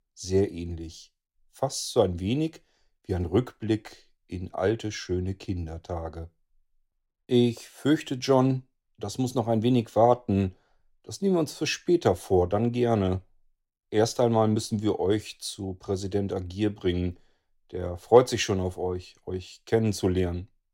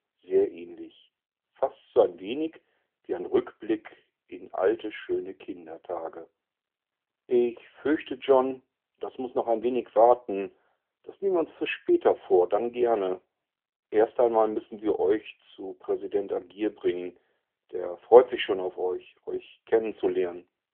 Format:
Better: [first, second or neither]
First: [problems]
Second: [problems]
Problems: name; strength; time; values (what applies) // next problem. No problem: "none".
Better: first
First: none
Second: phone-call audio; nothing above 3 kHz